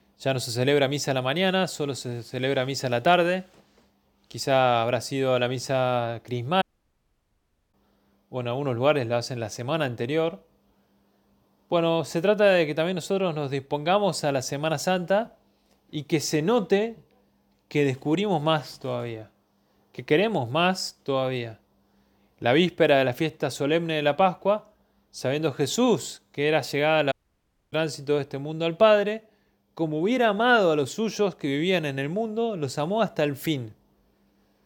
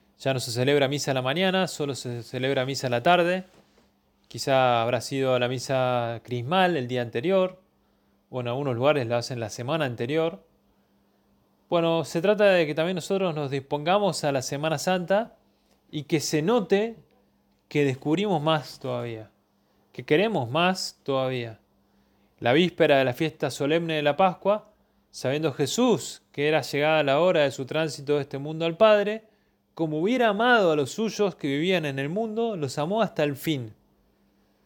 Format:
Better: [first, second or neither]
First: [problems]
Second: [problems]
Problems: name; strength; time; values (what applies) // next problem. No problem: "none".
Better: second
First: audio cutting out; at 6.5 s for 1 s and at 27 s for 0.5 s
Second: none